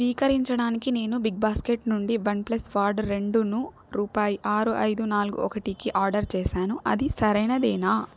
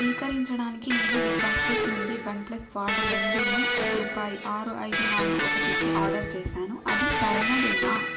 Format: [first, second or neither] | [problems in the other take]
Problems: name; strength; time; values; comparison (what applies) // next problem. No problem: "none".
first | background sound (Electric guitar); 4 dB above the speech // room echo; dies away in 0.5 s